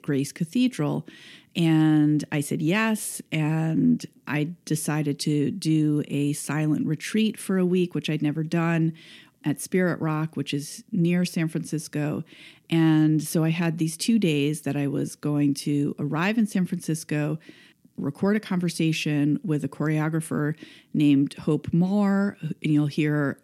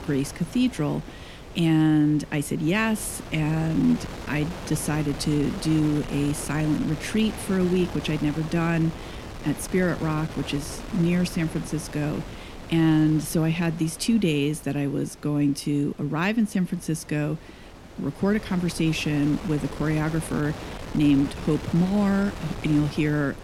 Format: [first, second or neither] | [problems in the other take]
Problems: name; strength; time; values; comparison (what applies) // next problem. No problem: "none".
first | wind noise on the microphone; occasional gusts; 10 dB below the speech